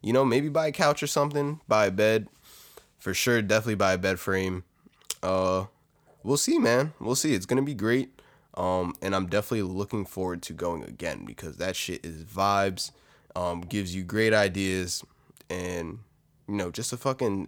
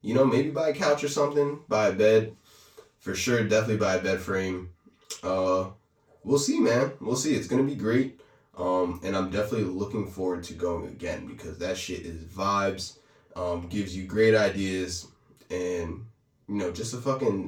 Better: first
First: none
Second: room echo; slight; dies away in 0.2 s // off-mic speech; far

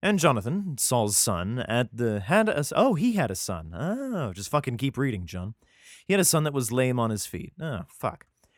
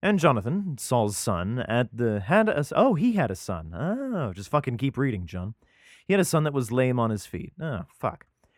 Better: first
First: none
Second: muffled; slightly; fading above 3.5 kHz

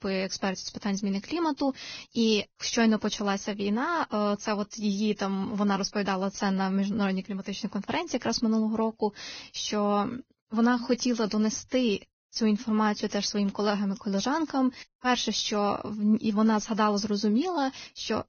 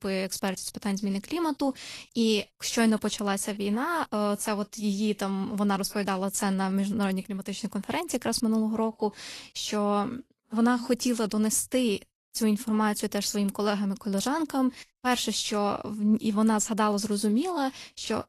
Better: second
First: garbled, watery; badly; nothing above 6.5 kHz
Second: garbled, watery; slightly; nothing above 12.5 kHz

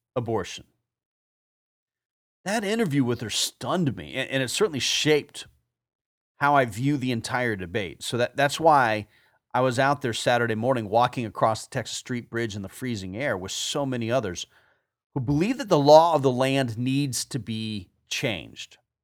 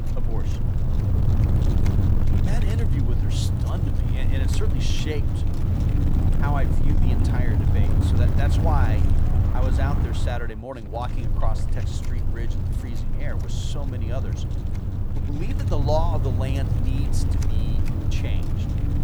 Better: first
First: none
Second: wind noise on the microphone; heavy; 2 dB below the speech

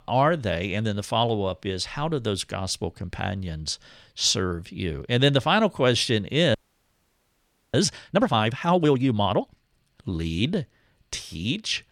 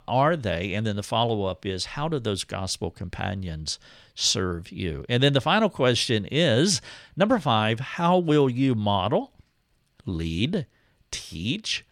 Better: second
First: audio freezing; at 6.5 s for 1 s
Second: none

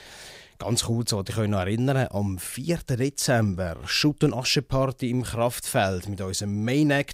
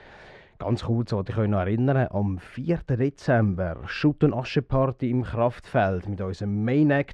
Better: first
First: none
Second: muffled; very; fading above 2 kHz

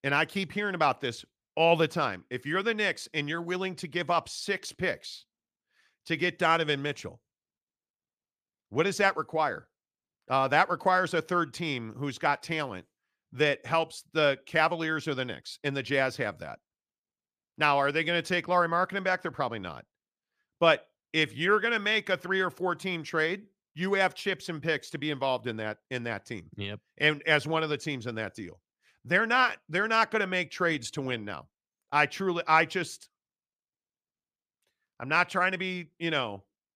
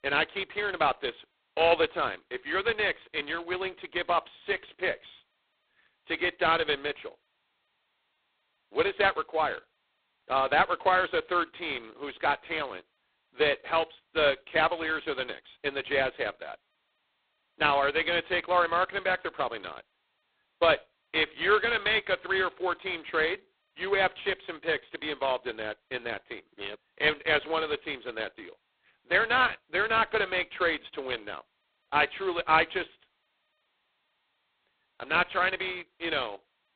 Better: first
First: none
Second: phone-call audio; poor line; nothing above 4 kHz

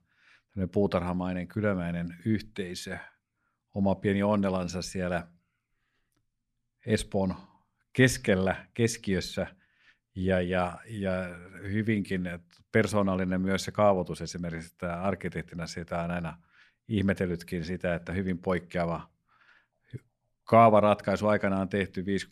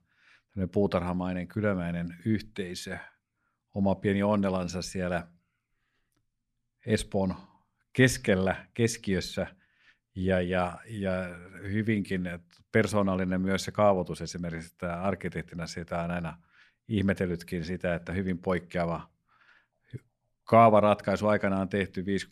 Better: neither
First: none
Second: none

